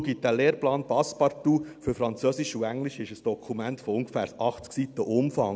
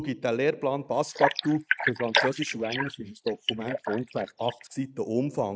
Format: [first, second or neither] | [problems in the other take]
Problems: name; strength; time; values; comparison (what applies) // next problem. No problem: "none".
first | noise reduction (neural mask model Resemble Enhance denoiser)